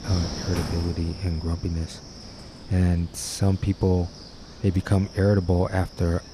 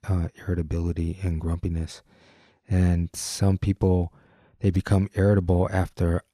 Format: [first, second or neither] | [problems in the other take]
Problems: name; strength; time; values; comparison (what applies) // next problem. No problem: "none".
second | wind noise on the microphone; heavy; 9 dB below the speech